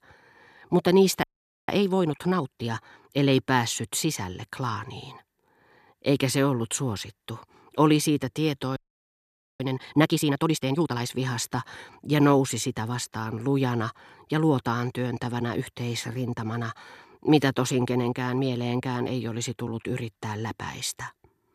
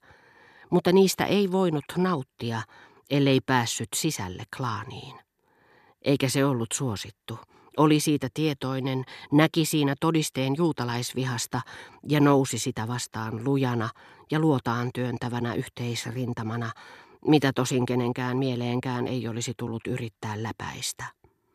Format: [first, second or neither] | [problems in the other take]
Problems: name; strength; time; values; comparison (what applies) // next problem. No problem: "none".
second | audio freezing; at 1 s and at 9 s for 1 s